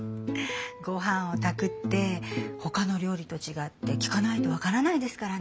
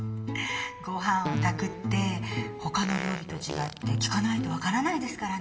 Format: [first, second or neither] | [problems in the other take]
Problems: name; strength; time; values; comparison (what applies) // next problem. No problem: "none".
first | background sound (Fart); 11 dB below the speech // room echo; dies away in 2.5 s